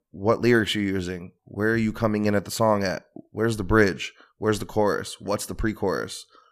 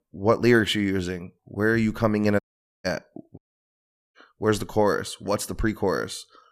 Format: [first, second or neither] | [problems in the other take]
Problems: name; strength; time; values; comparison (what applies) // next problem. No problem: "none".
first | audio cutting out; at 2.5 s and at 3.5 s for 1 s